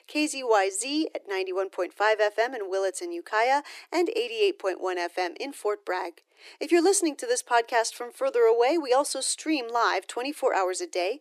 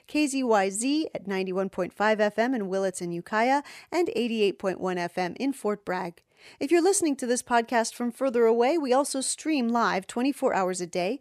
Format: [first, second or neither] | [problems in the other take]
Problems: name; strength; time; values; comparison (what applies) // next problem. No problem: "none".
second | thin; somewhat; fading below 300 Hz